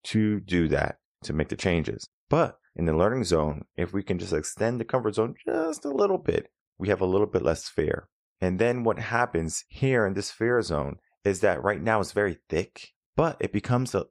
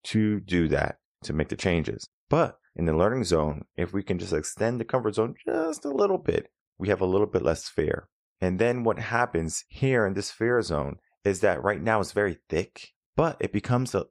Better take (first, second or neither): neither